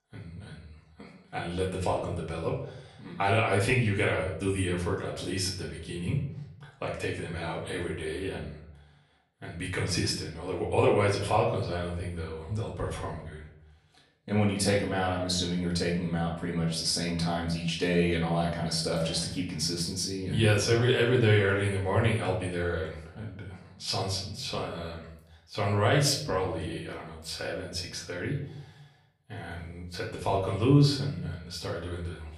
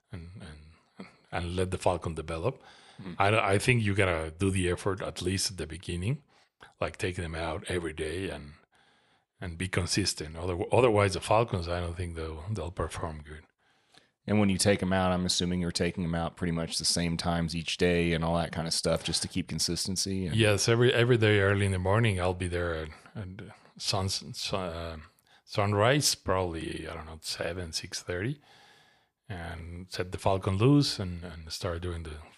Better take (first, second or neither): second